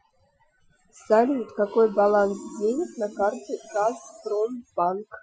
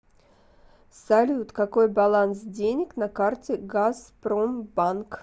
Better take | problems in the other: second | noise reduction (classical method Wiener filter)

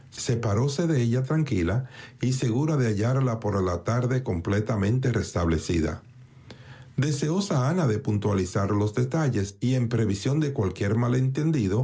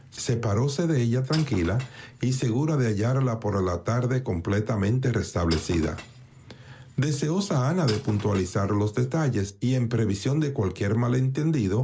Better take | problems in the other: first | background sound (Shatter / Crushing); 19 dB below the speech

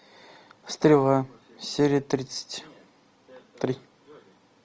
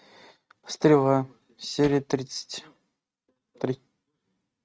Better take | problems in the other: first | noise reduction (neural mask model RNNoise)

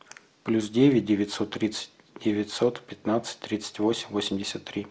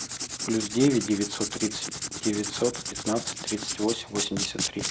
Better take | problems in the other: first | background sound (Writing); 4 dB below the speech

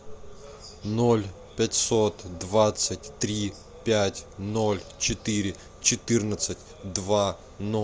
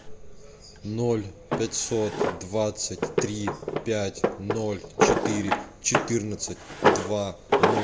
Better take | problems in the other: first | background sound (Drawer open or close); 2 dB above the speech // room echo; dies away in 0.6 s

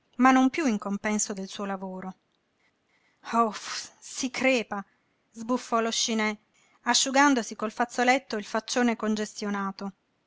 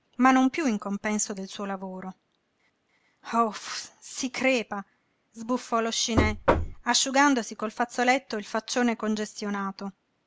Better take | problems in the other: first | background sound (Knock); 1 dB above the speech

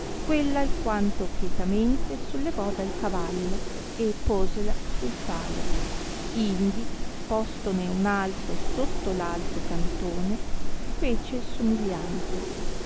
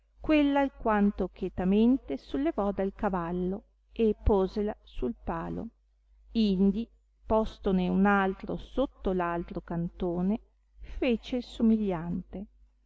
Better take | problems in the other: second | background sound (Wind); 4 dB above the speech

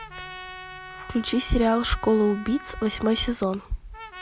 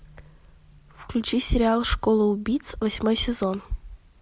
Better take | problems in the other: second | background sound (Trumpet); 16 dB below the speech

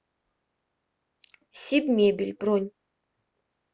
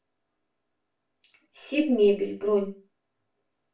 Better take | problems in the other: first | room echo; dies away in 0.3 s

